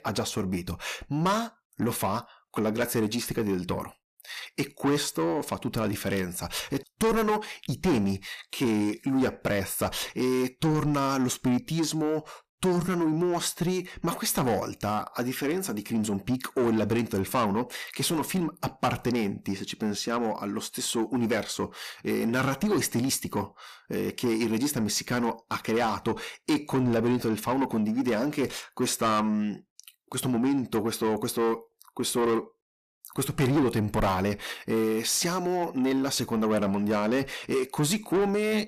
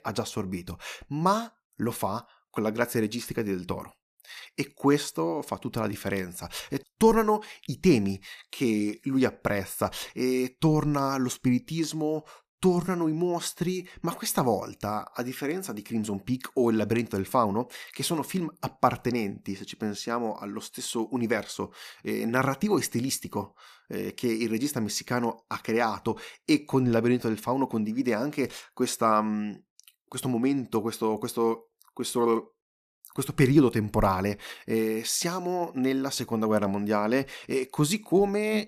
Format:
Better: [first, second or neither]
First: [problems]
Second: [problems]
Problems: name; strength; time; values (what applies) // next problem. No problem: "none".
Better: second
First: distortion; heavy; 8 dB below the speech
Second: none